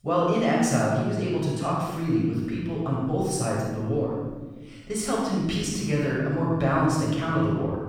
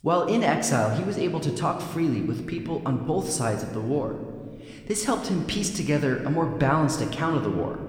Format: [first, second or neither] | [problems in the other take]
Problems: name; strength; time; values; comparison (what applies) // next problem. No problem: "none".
second | room echo; strong; dies away in 1.4 s; slight in the second // off-mic speech; far